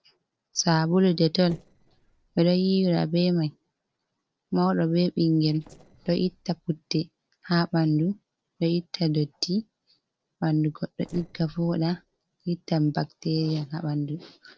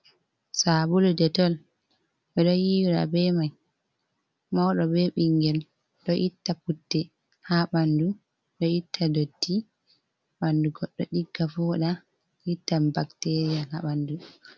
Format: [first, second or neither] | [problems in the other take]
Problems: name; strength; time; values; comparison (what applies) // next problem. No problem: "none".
second | noise reduction (neural separator model SepFormer DNS4)